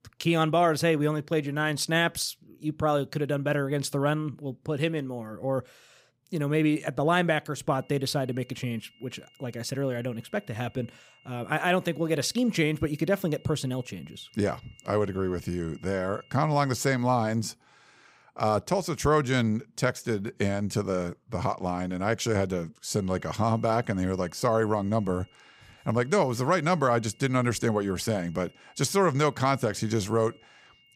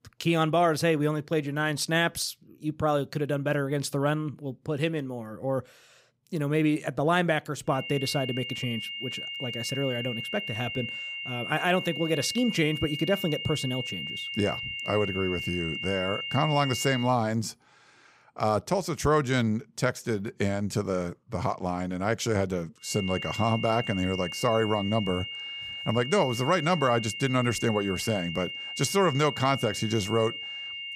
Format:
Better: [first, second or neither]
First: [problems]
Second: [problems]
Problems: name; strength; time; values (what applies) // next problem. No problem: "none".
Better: first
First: high-pitched whine; faint; from 8 to 17 s and from 23 s on; 3 kHz, 30 dB below the speech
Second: high-pitched whine; loud; from 8 to 17 s and from 23 s on; 3 kHz, 6 dB below the speech